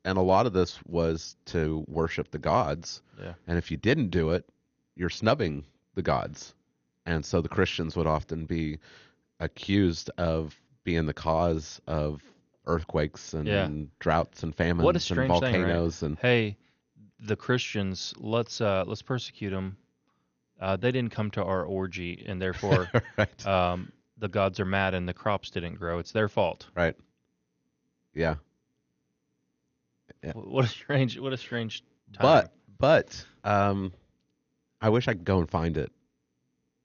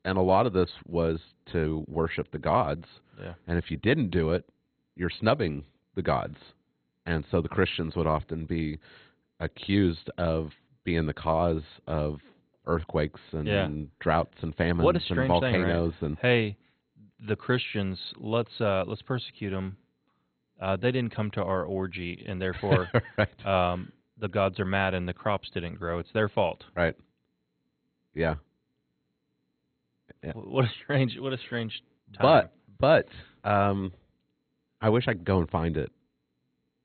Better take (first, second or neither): first